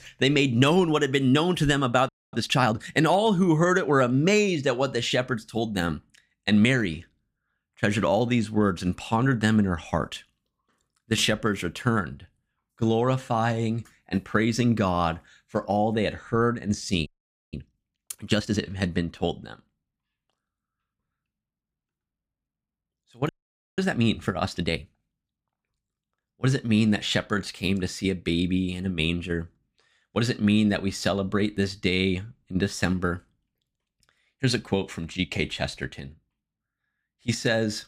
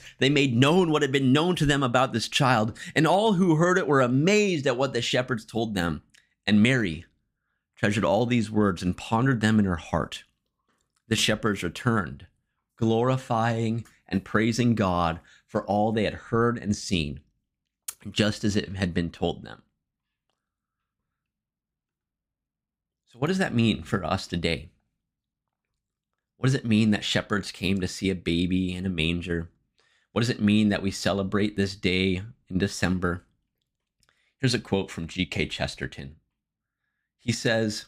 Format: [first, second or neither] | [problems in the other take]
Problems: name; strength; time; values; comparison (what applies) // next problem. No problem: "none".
second | audio freezing; at 2 s, at 17 s and at 23 s